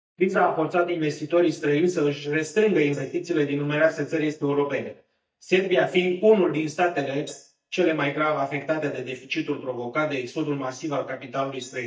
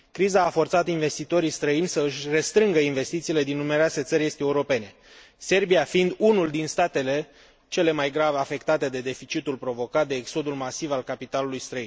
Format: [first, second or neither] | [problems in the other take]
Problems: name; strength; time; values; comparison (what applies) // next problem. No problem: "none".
second | noise reduction (neural mask model DeepFilterNet 3)